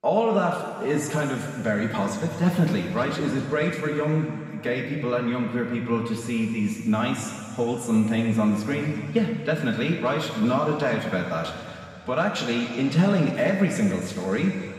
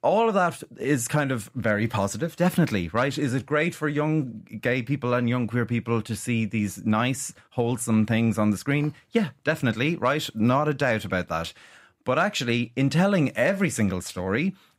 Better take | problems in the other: second | room echo; noticeable; dies away in 2.5 s // off-mic speech; far

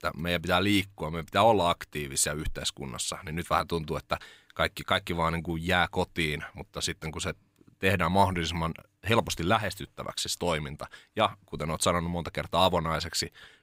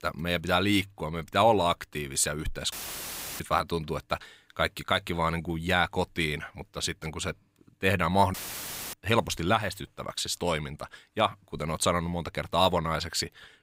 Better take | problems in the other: first | audio cutting out; filled with static; at 2.5 s for 0.5 s and at 8.5 s for 0.5 s

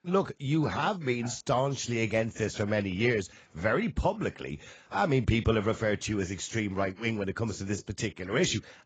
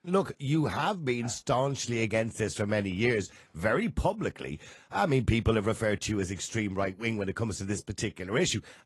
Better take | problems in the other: second | garbled, watery; badly; nothing above 7.5 kHz; slightly in the second

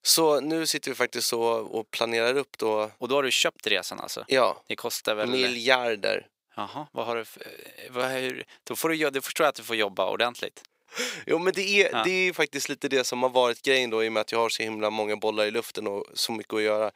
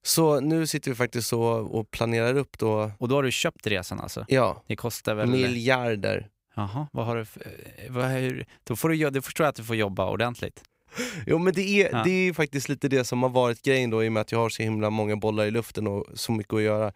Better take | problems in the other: second | thin; somewhat; fading below 400 Hz

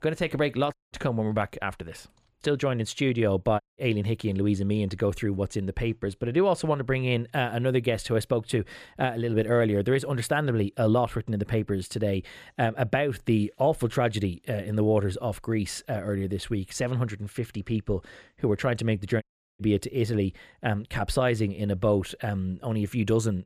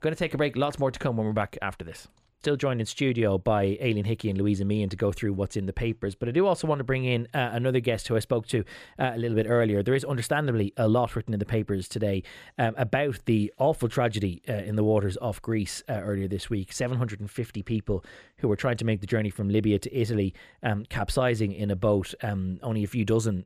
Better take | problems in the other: second | audio cutting out; at 0.5 s, at 3.5 s and at 19 s

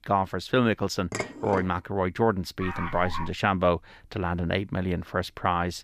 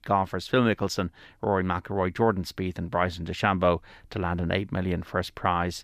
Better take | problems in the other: second | clattering dishes; noticeable; at 1 s; peak 6 dB below the speech // dog barking; noticeable; at 2.5 s; peak 7 dB below the speech

